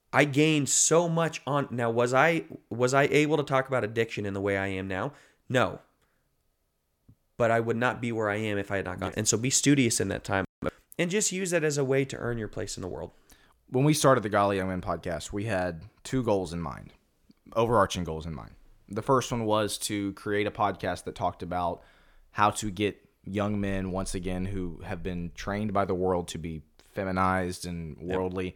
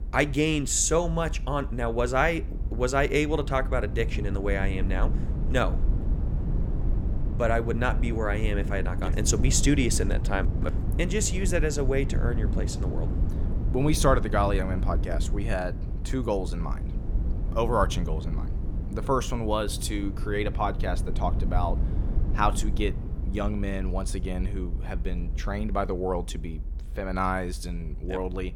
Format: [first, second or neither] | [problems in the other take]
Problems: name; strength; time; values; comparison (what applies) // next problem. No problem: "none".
first | low rumble; noticeable; throughout; 15 dB below the speech